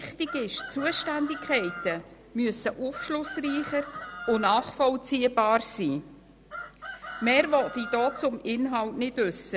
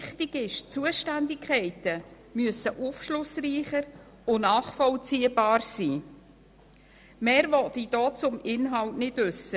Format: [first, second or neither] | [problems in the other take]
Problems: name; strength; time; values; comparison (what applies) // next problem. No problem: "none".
second | background sound (Chicken, rooster); 12 dB below the speech